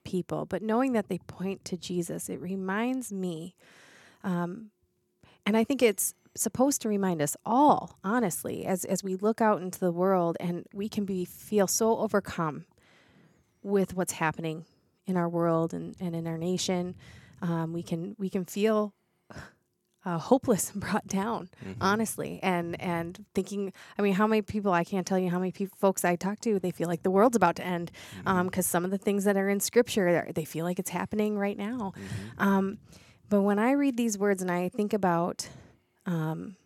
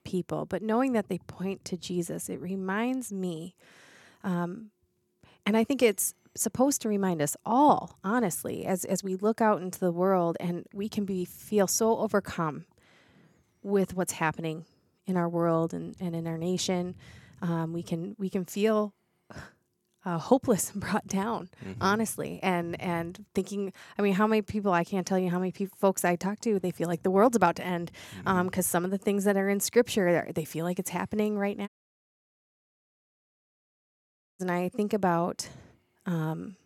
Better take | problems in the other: first | audio cutting out; at 32 s for 2.5 s

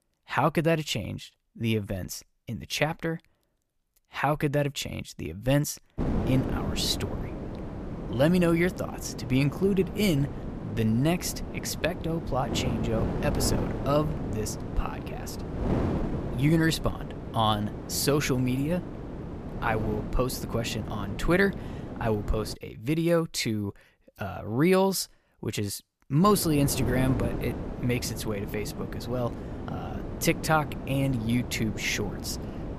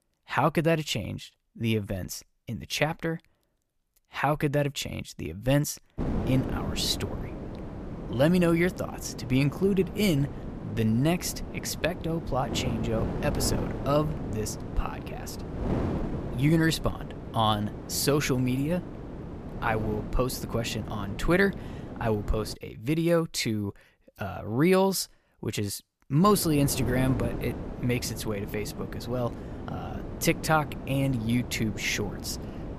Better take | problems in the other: second | wind noise on the microphone; heavy; from 6 to 23 s and from 26 s on; 9 dB below the speech; occasional gusts in the second

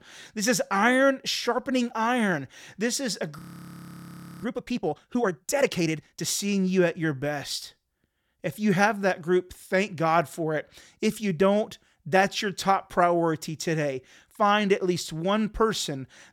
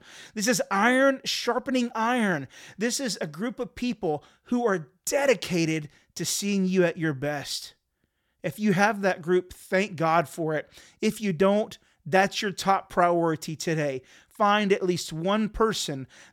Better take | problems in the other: second | audio freezing; at 3.5 s for 1 s

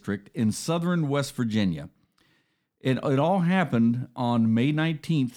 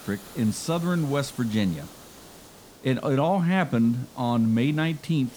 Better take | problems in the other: first | hiss; faint; throughout; 20 dB below the speech

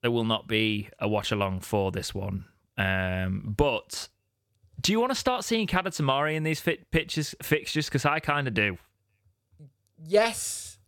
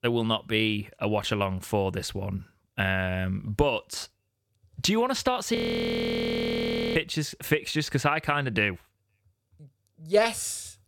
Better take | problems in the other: first | audio freezing; at 5.5 s for 1.5 s

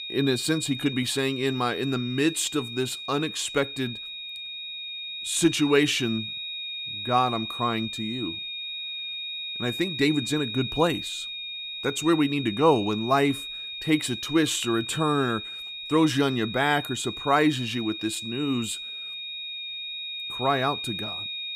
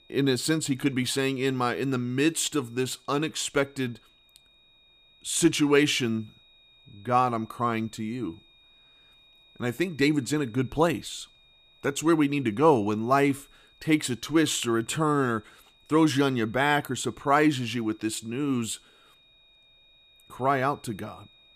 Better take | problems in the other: second | high-pitched whine; loud; throughout; 3.5 kHz, 7 dB below the speech; faint in the second

